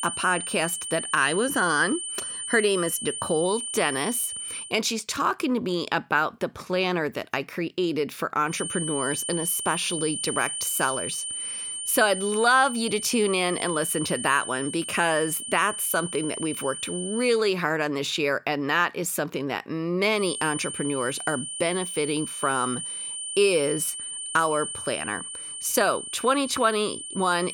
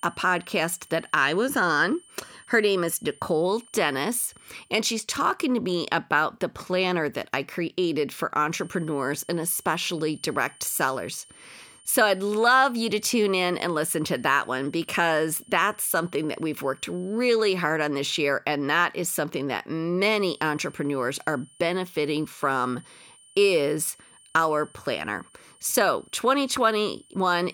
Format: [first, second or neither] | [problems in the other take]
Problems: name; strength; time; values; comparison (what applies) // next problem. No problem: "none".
second | high-pitched whine; loud; until 4.5 s, from 8.5 to 17 s and from 20 s on; 9 kHz, 6 dB below the speech; faint in the second